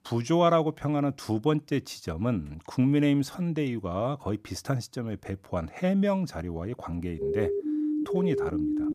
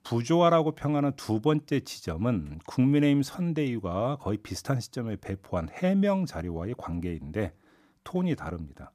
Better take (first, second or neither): second